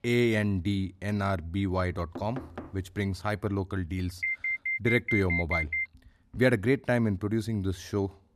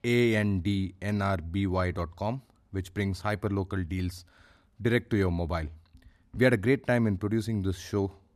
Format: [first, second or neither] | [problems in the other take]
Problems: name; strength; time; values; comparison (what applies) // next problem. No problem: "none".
second | door banging; faint; at 2 s; peak 10 dB below the speech // alarm; loud; from 4 to 6 s; peak 1 dB above the speech